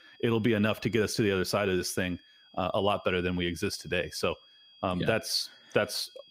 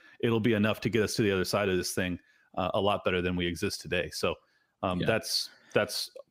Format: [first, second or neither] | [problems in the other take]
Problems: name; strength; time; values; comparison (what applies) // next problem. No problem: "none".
second | high-pitched whine; faint; throughout; 3.5 kHz, 25 dB below the speech